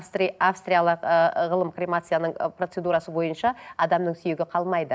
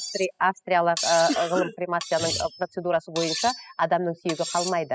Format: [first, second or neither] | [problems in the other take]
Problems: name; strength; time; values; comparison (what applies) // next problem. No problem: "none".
first | noise reduction (classical method spectral subtraction)